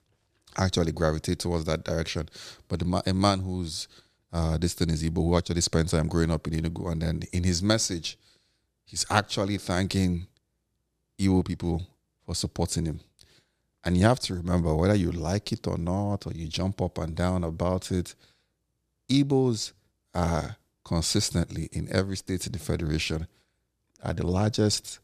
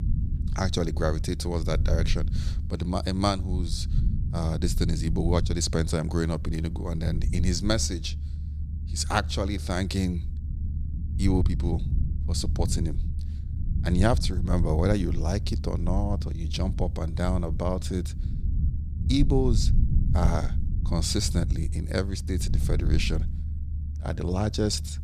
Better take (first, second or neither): first